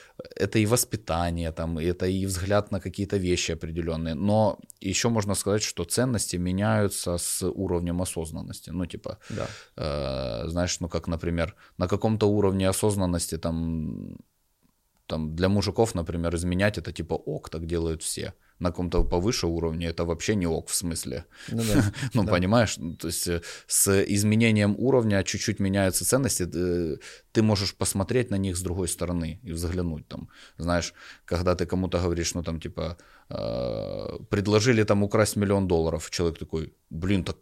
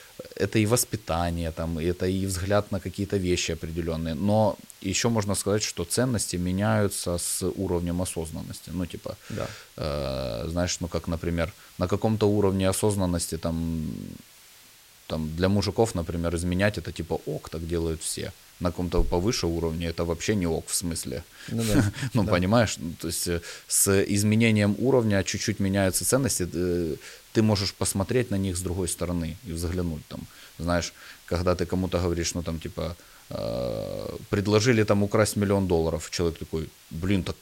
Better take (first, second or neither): first